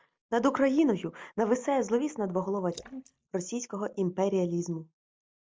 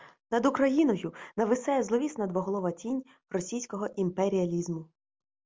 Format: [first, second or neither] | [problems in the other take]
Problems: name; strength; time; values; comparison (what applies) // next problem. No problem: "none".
second | noise reduction (neural mask model DeepFilterNet 3)